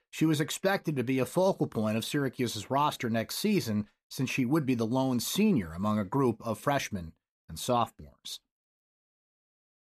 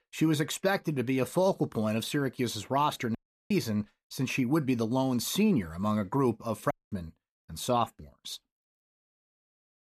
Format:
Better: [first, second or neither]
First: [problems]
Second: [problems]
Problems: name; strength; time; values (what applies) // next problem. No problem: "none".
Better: first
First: none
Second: audio cutting out; at 3 s and at 6.5 s